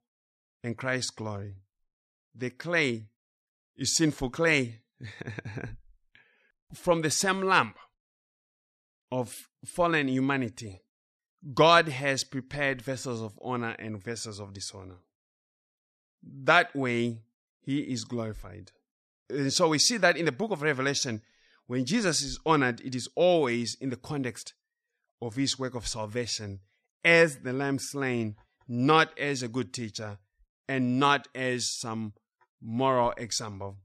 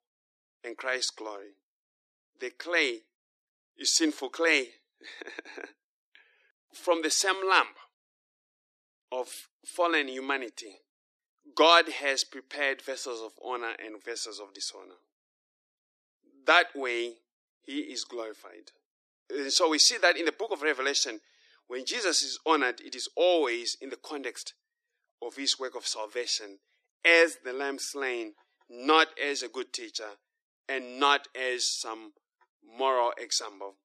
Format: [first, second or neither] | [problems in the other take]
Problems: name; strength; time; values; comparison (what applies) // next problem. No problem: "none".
first | thin; somewhat; fading below 300 Hz